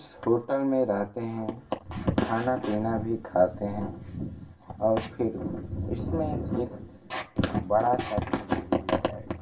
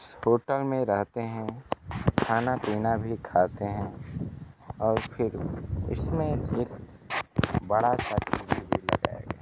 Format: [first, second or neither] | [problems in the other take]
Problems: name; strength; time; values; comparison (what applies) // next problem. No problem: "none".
second | room echo; dies away in 0.2 s